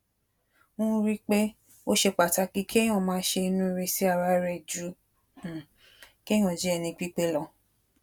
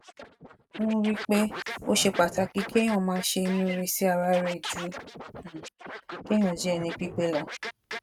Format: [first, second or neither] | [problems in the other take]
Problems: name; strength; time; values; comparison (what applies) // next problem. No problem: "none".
first | noise reduction (neural mask model RNNoise)